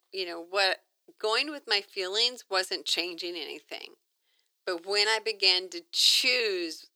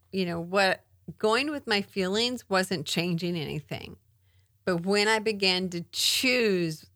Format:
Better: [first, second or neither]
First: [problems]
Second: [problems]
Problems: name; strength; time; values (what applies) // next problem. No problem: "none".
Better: second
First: thin; very; fading below 300 Hz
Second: none